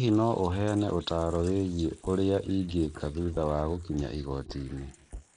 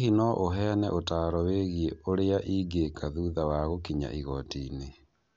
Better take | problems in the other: second | noise reduction (neural mask model Resemble Enhance denoiser)

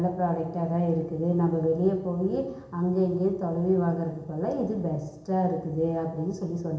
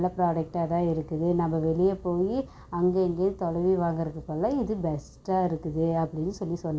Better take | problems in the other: second | room echo; dies away in 0.8 s

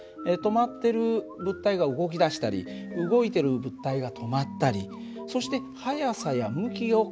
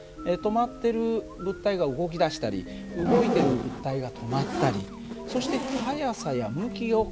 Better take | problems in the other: first | background sound (Zipper (clothing)); 5 dB below the speech

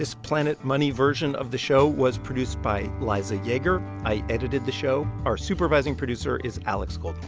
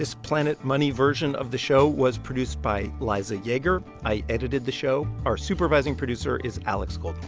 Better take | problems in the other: second | background sound (Bowed string instrument); 13 dB below the speech

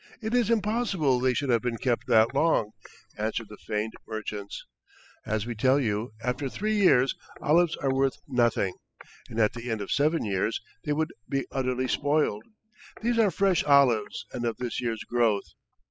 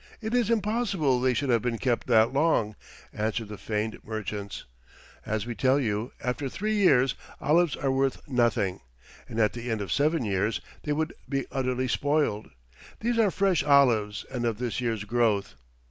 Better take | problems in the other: second | noise reduction (classical method spectral subtraction)

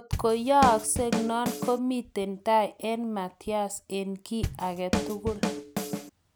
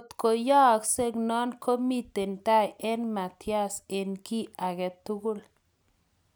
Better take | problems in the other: second | background sound (Drum / Drum kit); 3 dB below the speech

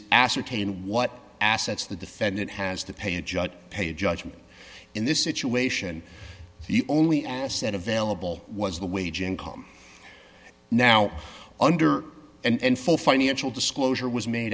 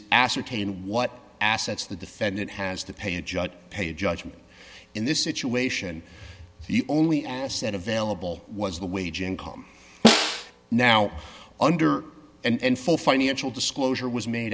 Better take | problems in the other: first | background sound (Snare drum); 3 dB above the speech

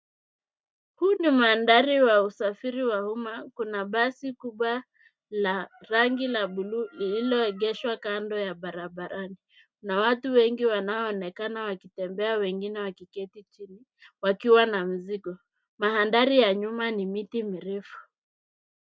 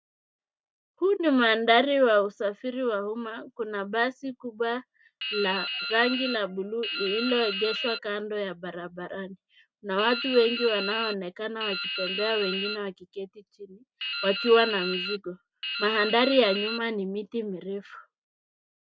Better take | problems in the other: first | background sound (Drip); 6 dB below the speech

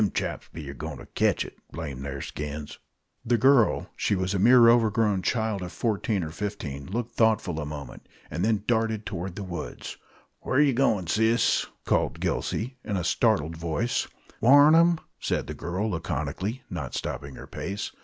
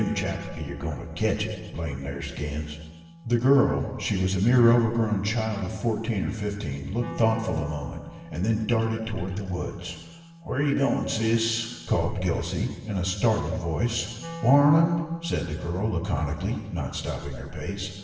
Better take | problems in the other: first | background sound (Wind instrument, woodwind instrument); 18 dB below the speech // room echo; dies away in 1.3 s

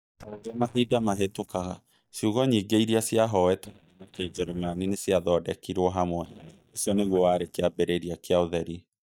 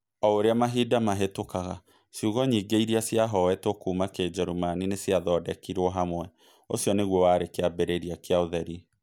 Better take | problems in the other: second | noise reduction (neural mask model DeepFilterNet 3)

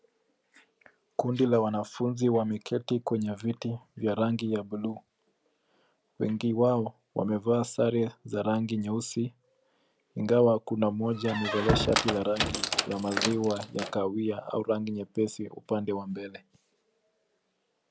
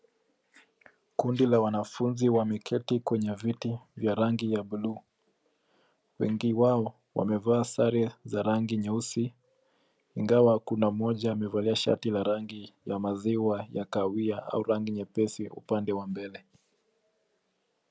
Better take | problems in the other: second | background sound (Squeak); 2 dB below the speech

